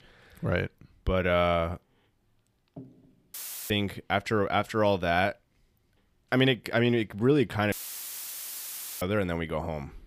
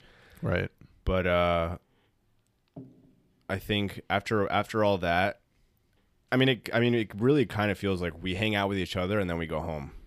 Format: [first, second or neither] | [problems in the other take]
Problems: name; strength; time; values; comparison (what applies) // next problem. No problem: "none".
second | audio cutting out; filled with static; at 3.5 s and at 7.5 s for 1.5 s